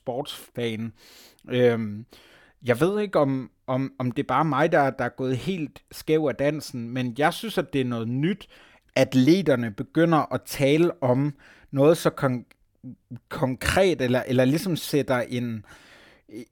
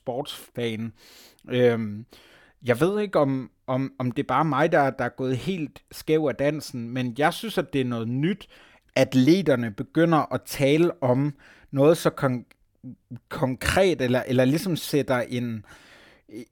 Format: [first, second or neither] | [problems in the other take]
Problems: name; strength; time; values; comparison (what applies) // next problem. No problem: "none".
neither | none